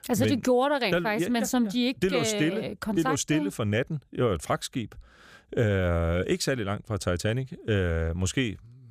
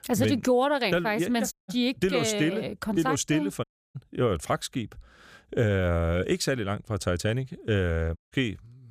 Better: first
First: none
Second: audio cutting out; at 1.5 s, at 3.5 s and at 8 s

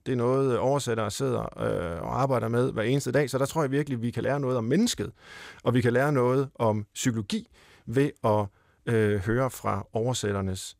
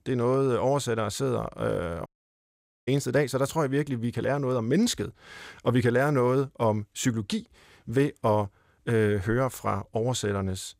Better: first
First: none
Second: audio cutting out; at 2 s for 1 s

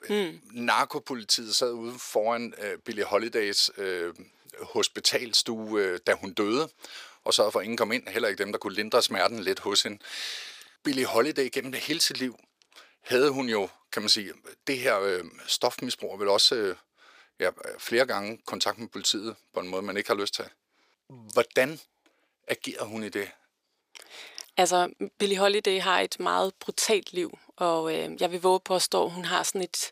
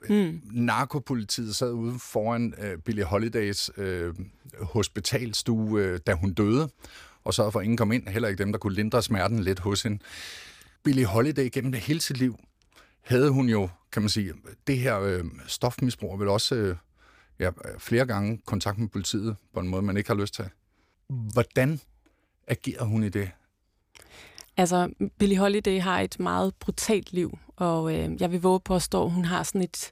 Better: second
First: thin; somewhat; fading below 450 Hz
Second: none

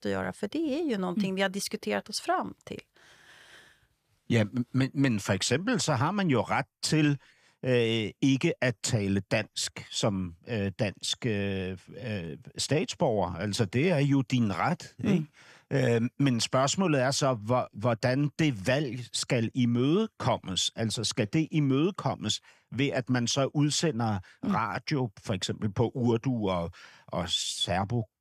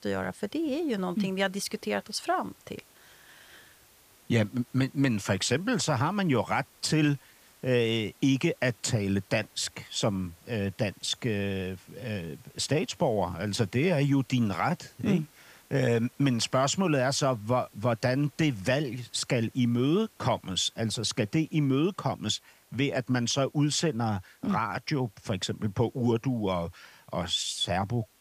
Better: first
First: none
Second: hiss; faint; throughout; 30 dB below the speech

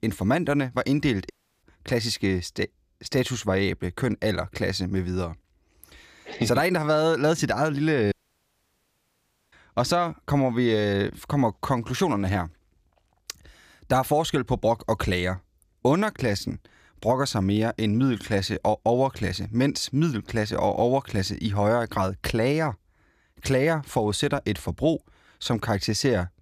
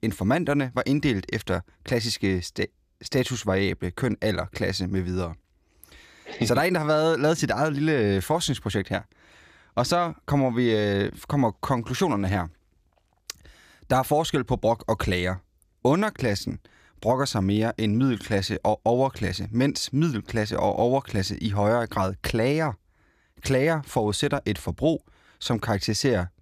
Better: second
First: audio cutting out; at 1.5 s and at 8 s for 1.5 s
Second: none

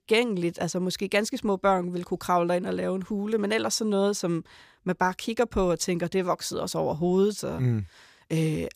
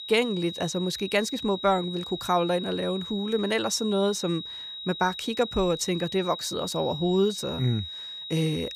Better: first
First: none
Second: high-pitched whine; loud; throughout; 4 kHz, 8 dB below the speech

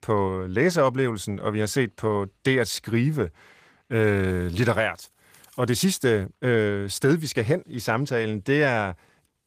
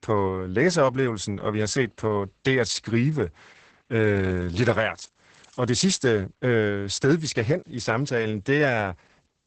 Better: first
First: garbled, watery; slightly; nothing above 15 kHz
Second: garbled, watery; badly; nothing above 8 kHz

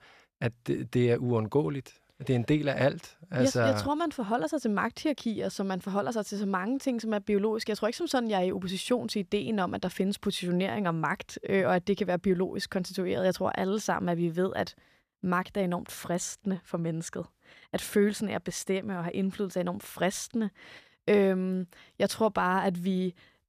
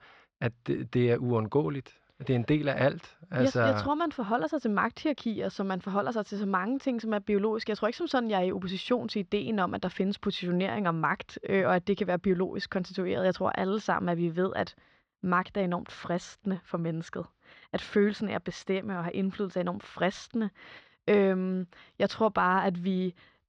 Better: first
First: none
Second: muffled; very slightly; fading above 4.5 kHz

